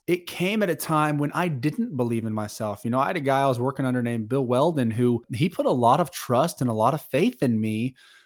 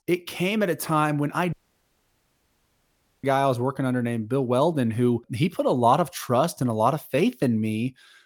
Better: first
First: none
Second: audio cutting out; at 1.5 s for 1.5 s

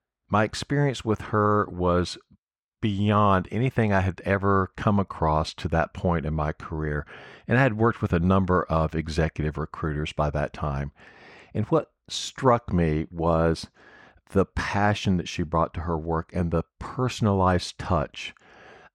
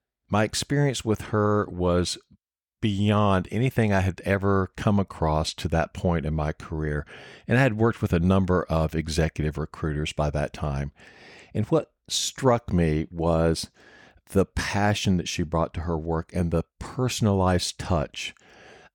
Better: second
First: muffled; very slightly; fading above 2 kHz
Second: none

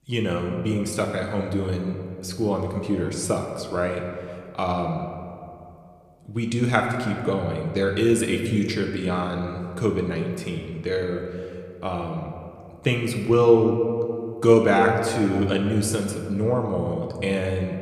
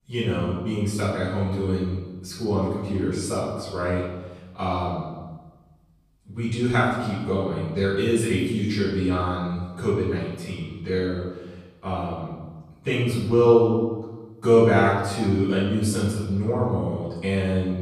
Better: first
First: room echo; slight; dies away in 1.9 s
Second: room echo; strong; dies away in 1.2 s // off-mic speech; far

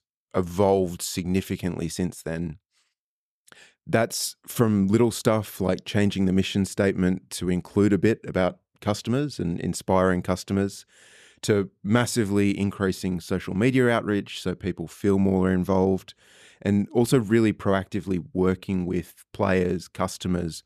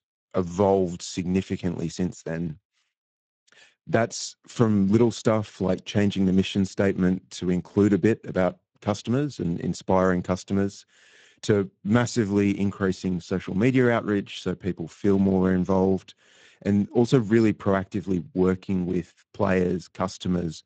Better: first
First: none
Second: garbled, watery; slightly; nothing above 7.5 kHz

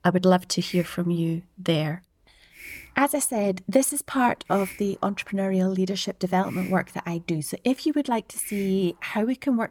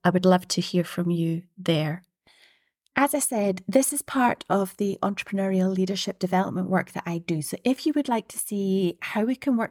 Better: second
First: hiss; noticeable; throughout; 15 dB below the speech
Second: none

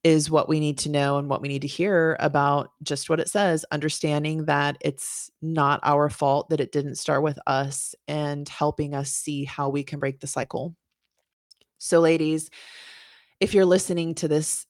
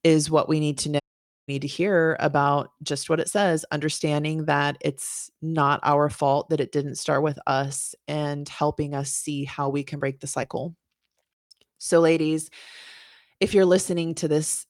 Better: first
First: none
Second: audio cutting out; at 1 s

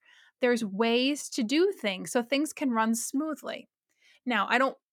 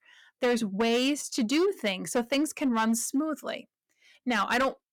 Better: first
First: none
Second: distortion; slight; 7% of the sound clipped

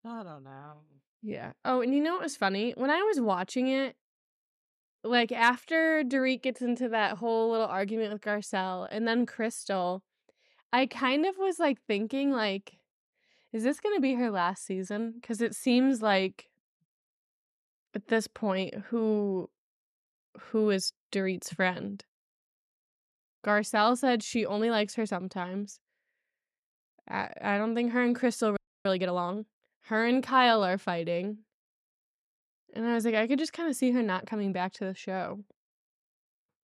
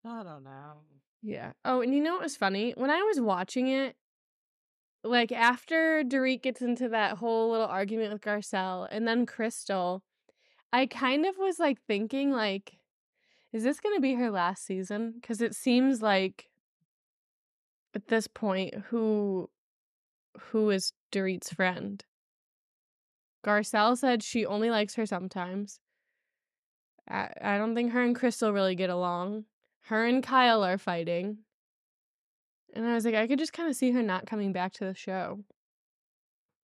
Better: second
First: audio freezing; at 29 s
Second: none

